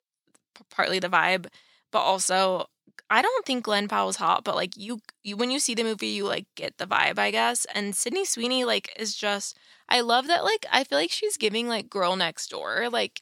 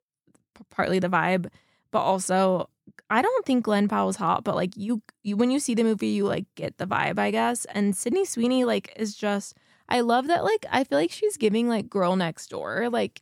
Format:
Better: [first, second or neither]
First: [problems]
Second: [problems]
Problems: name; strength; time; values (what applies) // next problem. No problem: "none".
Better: second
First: thin; somewhat; fading below 750 Hz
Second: none